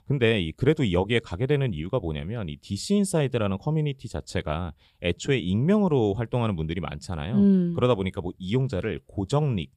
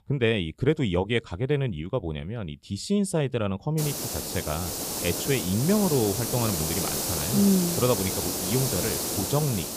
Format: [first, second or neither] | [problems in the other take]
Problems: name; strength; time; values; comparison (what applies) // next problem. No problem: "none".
first | hiss; loud; from 4 s on; 1 dB below the speech